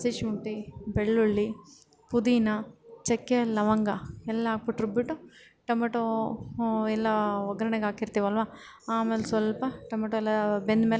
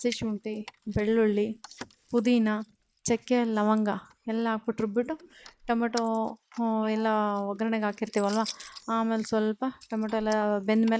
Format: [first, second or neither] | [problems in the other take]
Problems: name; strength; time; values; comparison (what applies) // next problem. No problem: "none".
first | noise reduction (neural mask model Resemble Enhance denoiser)